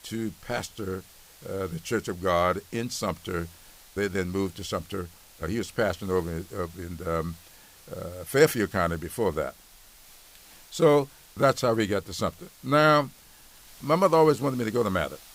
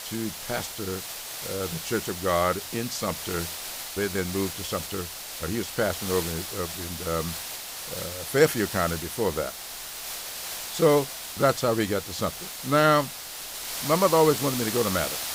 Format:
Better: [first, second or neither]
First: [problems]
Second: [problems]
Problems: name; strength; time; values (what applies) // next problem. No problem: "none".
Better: first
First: hiss; faint; throughout; 25 dB below the speech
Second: hiss; loud; throughout; 6 dB below the speech